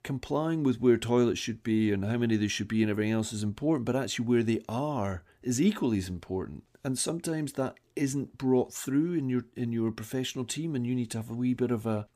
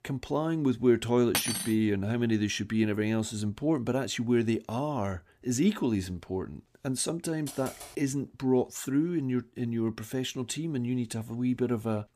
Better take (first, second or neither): first